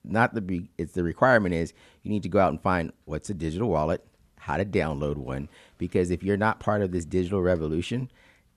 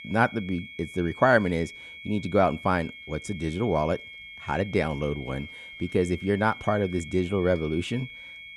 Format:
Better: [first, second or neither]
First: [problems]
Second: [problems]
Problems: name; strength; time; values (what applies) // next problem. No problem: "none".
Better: first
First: none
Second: high-pitched whine; noticeable; throughout; 2 kHz, 15 dB below the speech